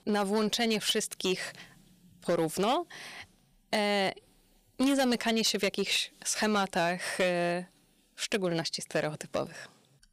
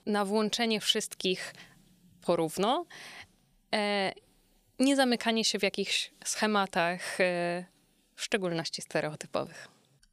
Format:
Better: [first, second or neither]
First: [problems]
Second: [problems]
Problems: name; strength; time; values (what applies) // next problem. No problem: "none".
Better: second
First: distortion; slight; 5% of the sound clipped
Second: none